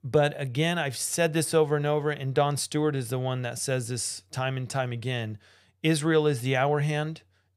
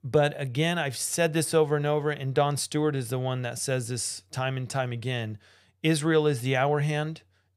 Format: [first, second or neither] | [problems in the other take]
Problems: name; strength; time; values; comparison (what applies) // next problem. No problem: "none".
neither | none